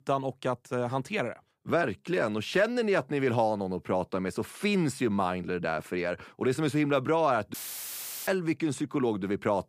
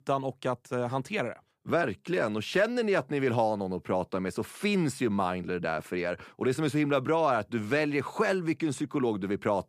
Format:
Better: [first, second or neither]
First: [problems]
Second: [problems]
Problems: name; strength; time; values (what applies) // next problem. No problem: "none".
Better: second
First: audio cutting out; filled with static; at 7.5 s for 0.5 s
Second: none